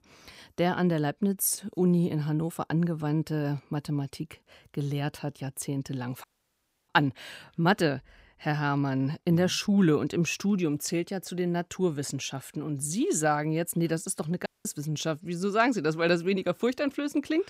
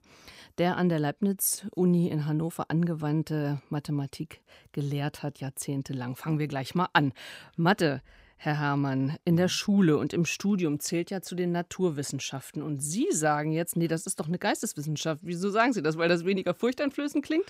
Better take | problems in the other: second | audio cutting out; at 6 s for 0.5 s and at 14 s

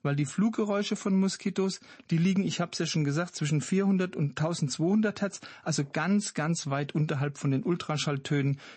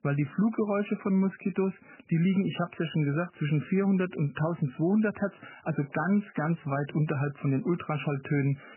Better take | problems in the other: first | garbled, watery; badly; nothing above 3 kHz; slightly in the first

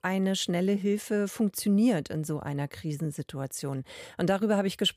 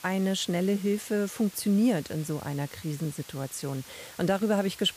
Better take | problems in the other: first | hiss; noticeable; throughout; 15 dB below the speech

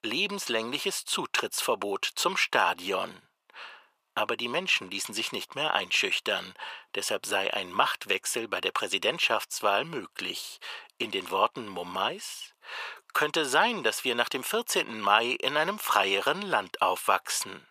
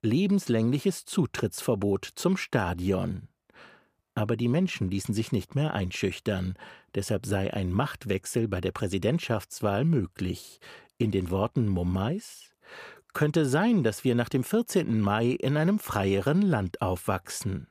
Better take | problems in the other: second | thin; very; fading below 650 Hz

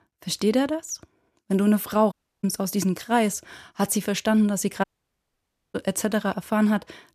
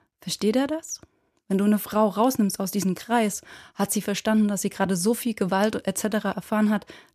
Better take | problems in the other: second | audio cutting out; at 2 s and at 5 s for 1 s

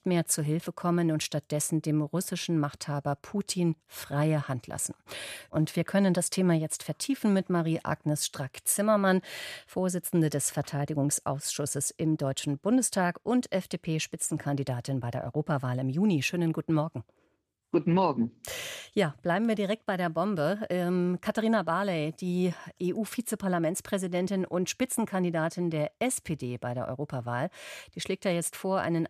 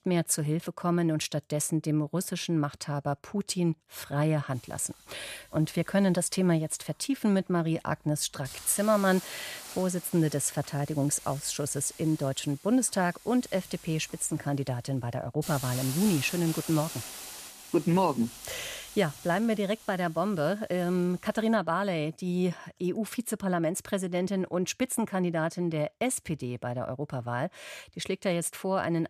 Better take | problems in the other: first | hiss; noticeable; from 4.5 to 22 s; 15 dB below the speech

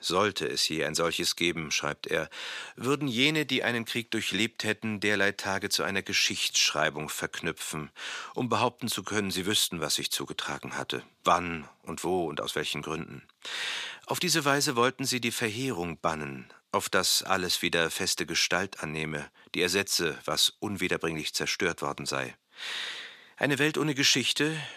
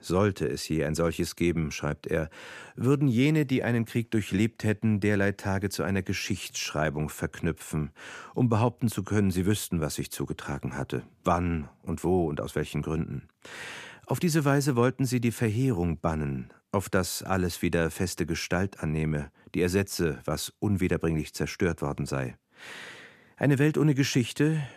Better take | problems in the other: second | thin; somewhat; fading below 600 Hz

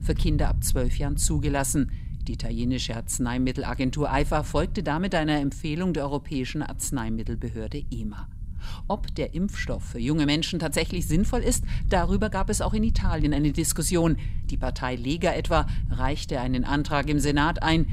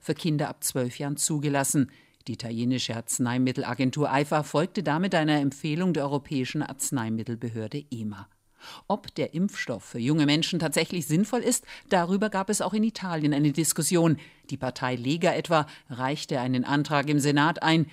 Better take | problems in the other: second | low rumble; faint; throughout; 20 dB below the speech

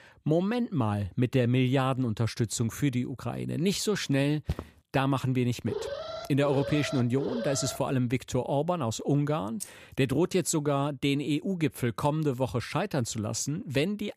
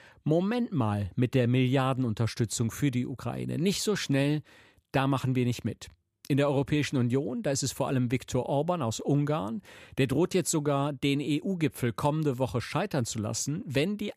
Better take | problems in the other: second | footsteps; noticeable; at 4.5 s; peak 9 dB below the speech // alarm; noticeable; from 5.5 to 8 s; peak 7 dB below the speech // jangling keys; faint; at 9.5 s; peak 15 dB below the speech

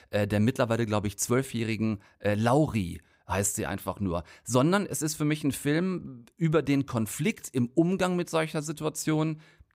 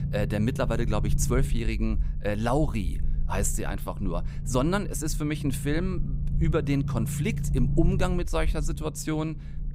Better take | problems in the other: first | low rumble; noticeable; throughout; 15 dB below the speech

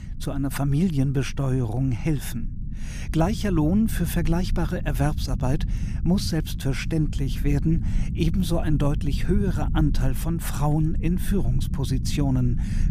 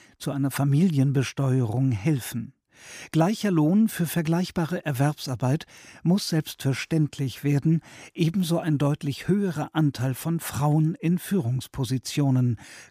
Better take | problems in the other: second | low rumble; noticeable; throughout; 15 dB below the speech

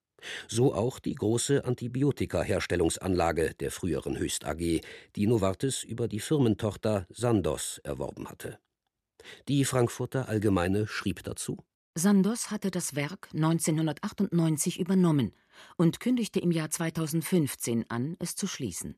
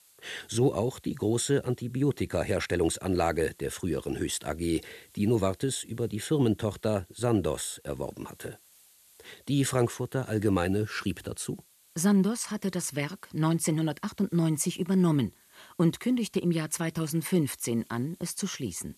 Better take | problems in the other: first | hiss; faint; throughout; 30 dB below the speech

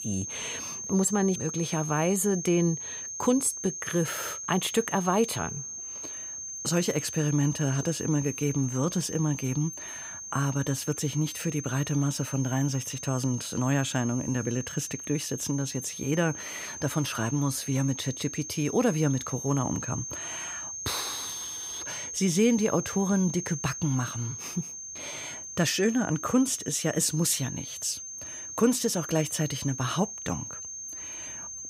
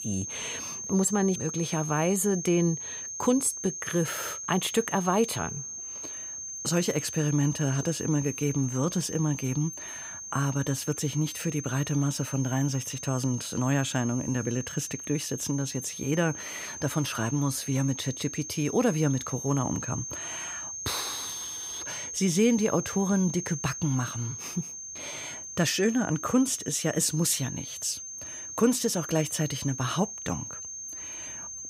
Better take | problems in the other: neither | high-pitched whine; loud; throughout; 6.5 kHz, 7 dB below the speech; the same in both

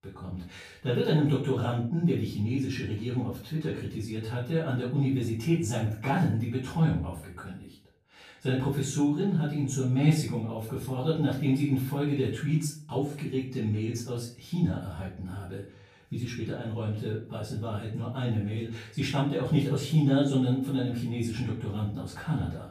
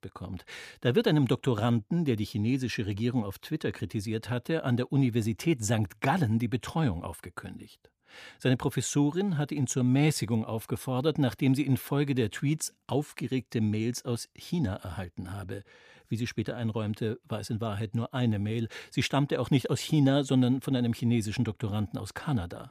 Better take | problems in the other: second | off-mic speech; far // room echo; noticeable; dies away in 0.4 s

